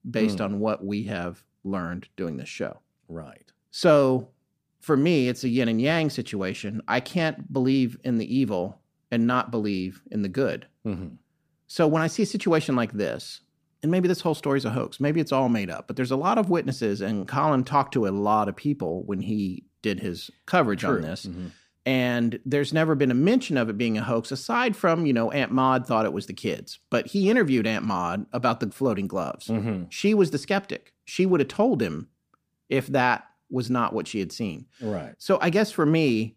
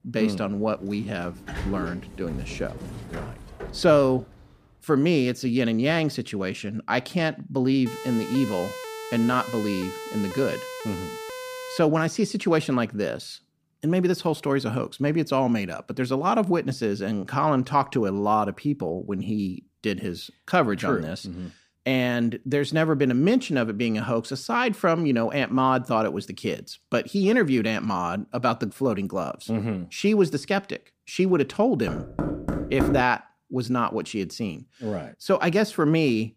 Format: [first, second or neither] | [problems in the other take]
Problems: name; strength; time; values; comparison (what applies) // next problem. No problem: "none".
first | door banging; noticeable; from 0.5 to 4 s and from 32 to 33 s; peak 1 dB below the speech // siren; faint; from 8 to 12 s; peak 10 dB below the speech